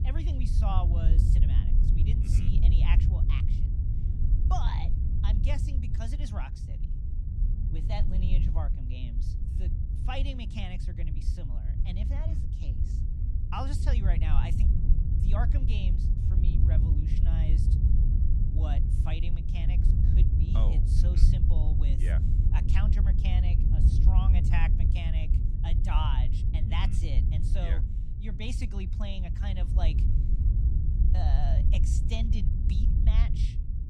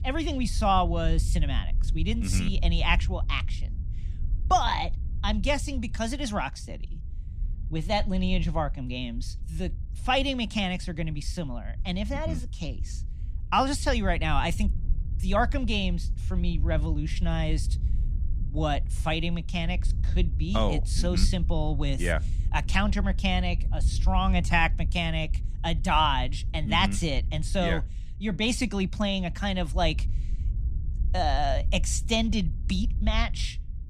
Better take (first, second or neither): second